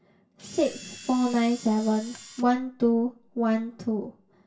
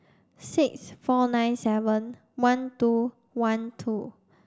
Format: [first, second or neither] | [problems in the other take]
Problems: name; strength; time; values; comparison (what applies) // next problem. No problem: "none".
second | background sound (Camera); 17 dB below the speech // room echo; dies away in 0.2 s